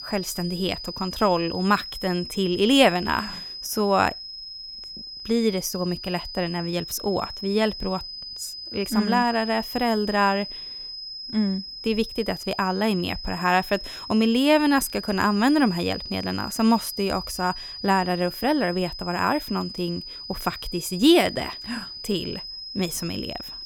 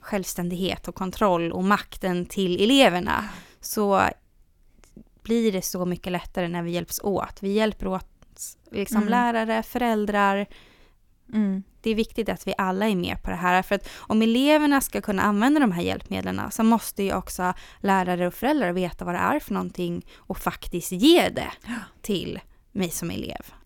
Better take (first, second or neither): second